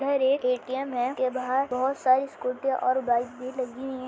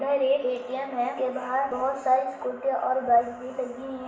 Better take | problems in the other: first | room echo; dies away in 0.7 s

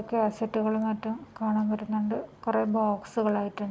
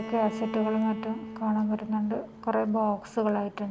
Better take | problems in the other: first | background sound (Bowed string instrument); 11 dB below the speech

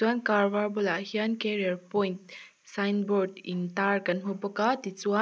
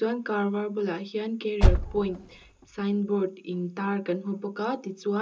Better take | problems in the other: first | background sound (Car); 3 dB above the speech // room echo; dies away in 0.2 s

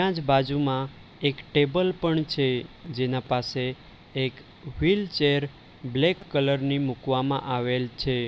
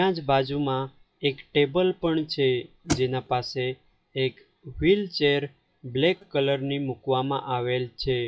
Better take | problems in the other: first | noise reduction (classical method WPE with log-MMSE)

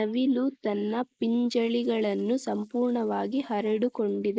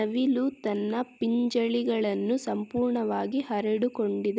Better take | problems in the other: second | noise reduction (neural mask model Resemble Enhance denoiser)

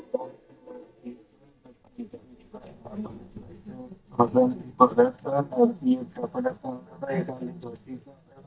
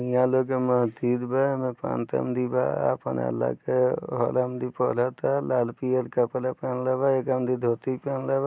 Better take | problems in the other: second | noise reduction (neural mask model DeepFilterNet 3)

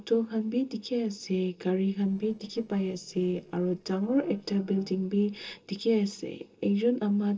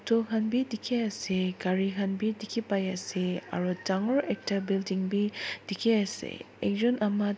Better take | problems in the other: second | noise reduction (neural separator model SepFormer DNS4)

